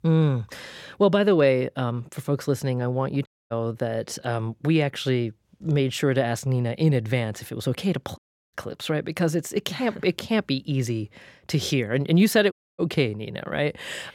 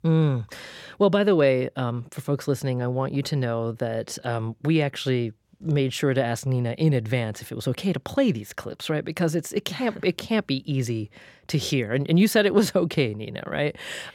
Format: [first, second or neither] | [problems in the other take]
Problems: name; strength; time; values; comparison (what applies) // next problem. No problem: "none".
second | audio cutting out; at 3.5 s, at 8 s and at 13 s